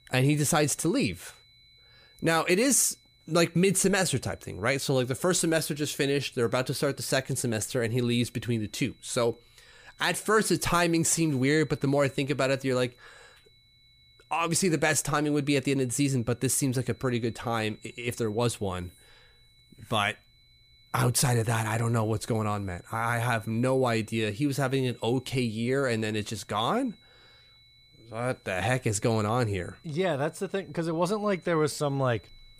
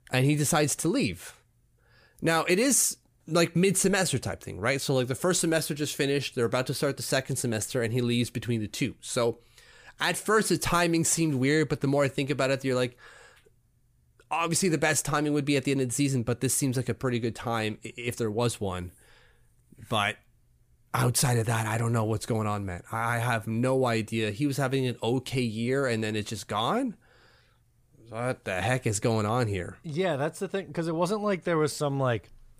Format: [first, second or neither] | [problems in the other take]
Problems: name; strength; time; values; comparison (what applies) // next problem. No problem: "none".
second | high-pitched whine; faint; throughout; 4 kHz, 30 dB below the speech